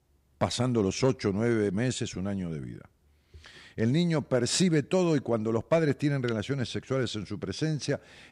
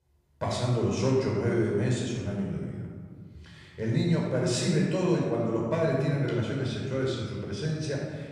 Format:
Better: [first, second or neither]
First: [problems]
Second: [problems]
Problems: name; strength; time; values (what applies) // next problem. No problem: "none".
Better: first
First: none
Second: off-mic speech; far // room echo; noticeable; dies away in 1.7 s